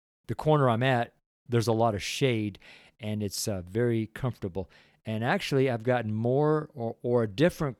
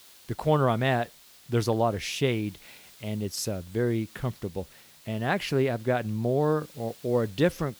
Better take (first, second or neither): first